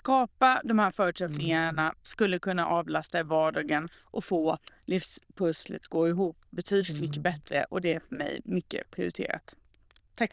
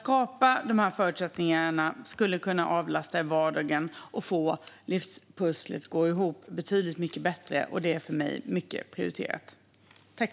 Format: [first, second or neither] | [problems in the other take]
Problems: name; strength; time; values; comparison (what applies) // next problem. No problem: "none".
second | noise reduction (neural diffusion model UNIVERSE++)